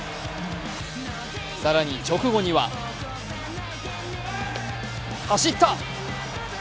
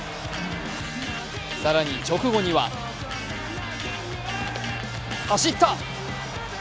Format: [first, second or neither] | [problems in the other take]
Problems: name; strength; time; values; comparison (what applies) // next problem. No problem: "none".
first | background sound (Electric guitar); 10 dB below the speech